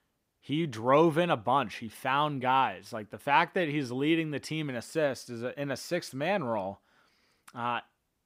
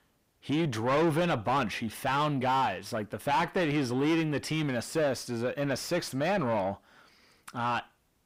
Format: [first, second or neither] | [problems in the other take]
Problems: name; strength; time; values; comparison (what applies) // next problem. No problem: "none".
first | distortion; heavy; 6 dB below the speech